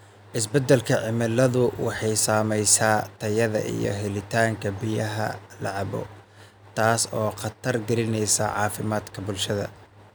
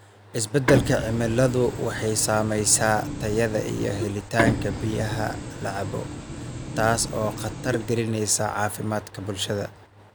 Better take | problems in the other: first | background sound (Printer); 5 dB below the speech

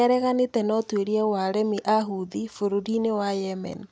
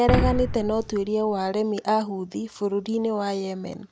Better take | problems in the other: first | background sound (Boom); 2 dB below the speech

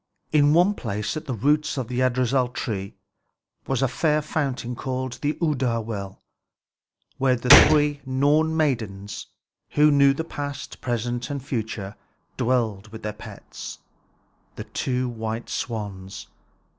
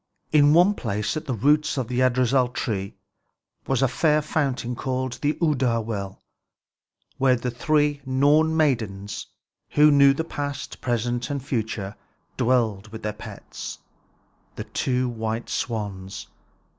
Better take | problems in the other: second | background sound (Gunshot, gunfire); 2 dB above the speech

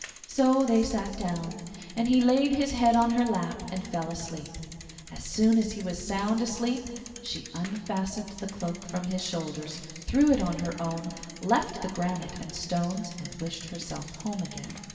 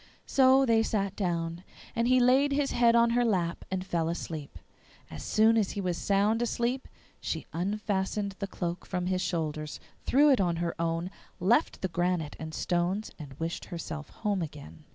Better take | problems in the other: second | background sound (Bicycle); 18 dB below the speech // room echo; dies away in 2.7 s

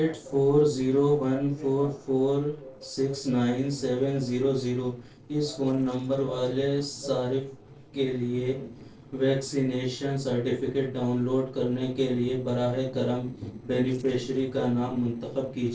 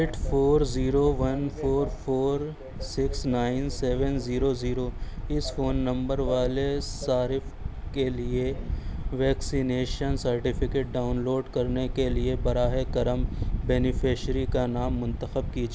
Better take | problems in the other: second | noise reduction (neural separator model SepFormer DNS4)

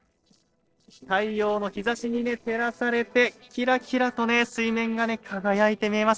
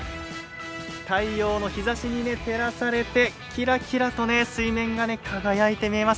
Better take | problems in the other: second | noise reduction (neural separator model SepFormer DNS4)

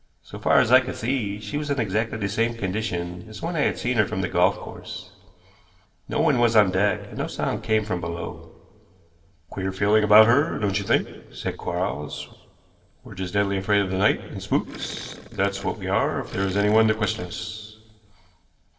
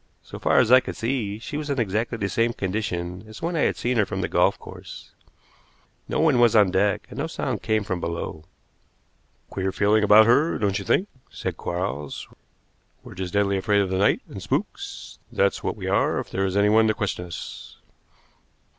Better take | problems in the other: second | noise reduction (neural separator model SepFormer DNS4)

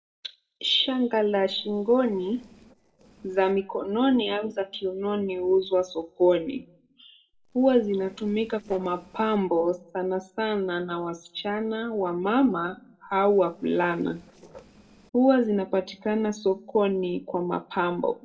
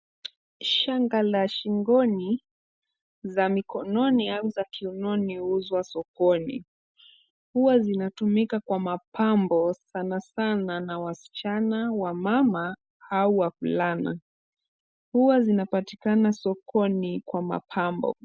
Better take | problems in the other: second | noise reduction (neural separator model SepFormer DNS4)

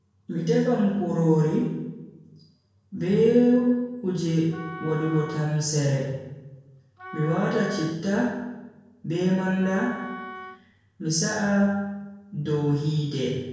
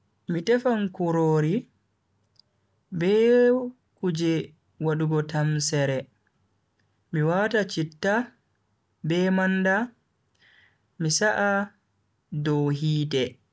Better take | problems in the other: second | background sound (Wind instrument, woodwind instrument); 16 dB below the speech // room echo; dies away in 1 s

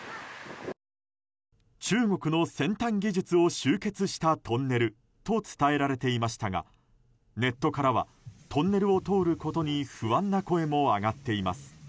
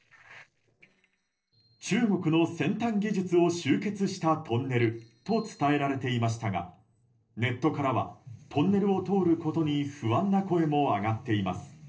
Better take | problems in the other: first | noise reduction (neural separator model SepFormer DNS4)

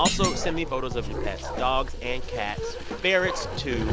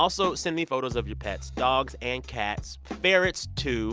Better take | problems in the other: second | background sound (Thump, thud + Bark); 2 dB below the speech

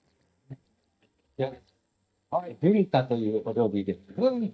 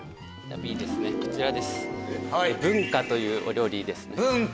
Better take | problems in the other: second | noise reduction (neural mask model DeepFilterNet 3)

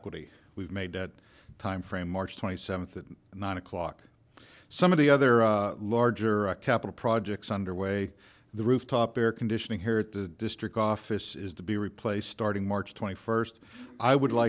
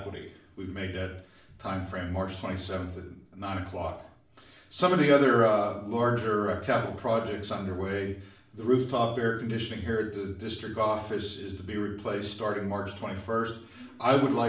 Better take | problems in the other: first | room echo; dies away in 0.5 s

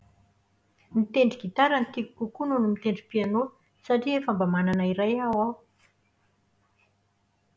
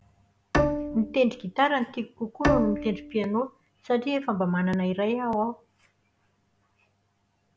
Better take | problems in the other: first | background sound (Bowed string instrument); 2 dB below the speech

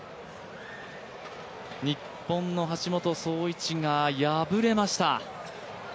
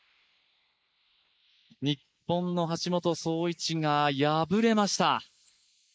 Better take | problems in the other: first | noise reduction (neural mask model Resemble Enhance denoiser)

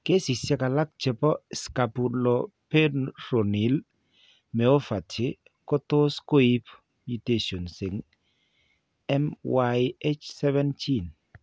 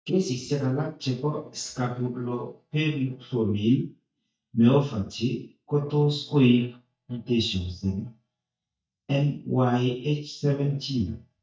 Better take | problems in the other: first | noise reduction (neural mask model DeepFilterNet 3)

